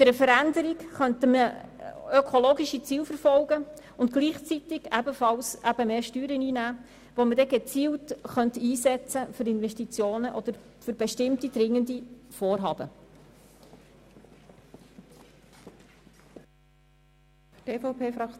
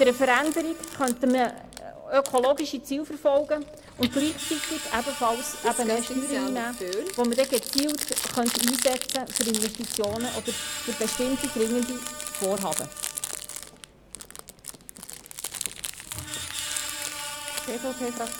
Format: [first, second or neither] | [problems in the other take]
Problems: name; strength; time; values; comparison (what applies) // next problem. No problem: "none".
first | background sound (Crumpling, crinkling + Screech); 6 dB below the speech